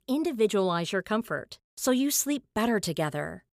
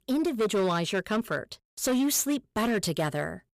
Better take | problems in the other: first | distortion; slight; 11% of the sound clipped

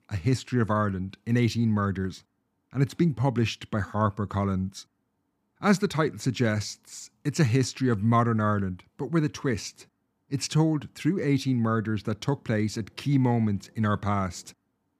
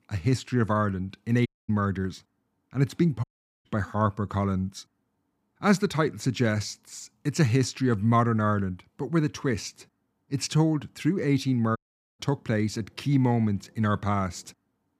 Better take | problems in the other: first | audio cutting out; at 1.5 s, at 3 s and at 12 s

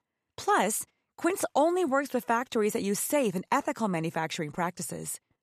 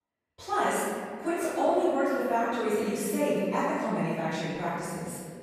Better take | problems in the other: first | off-mic speech; far // room echo; strong; dies away in 1.8 s

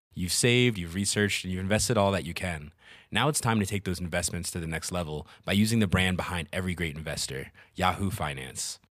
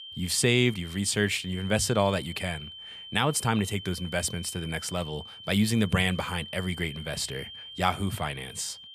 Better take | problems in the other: first | high-pitched whine; noticeable; throughout; 3 kHz, 15 dB below the speech

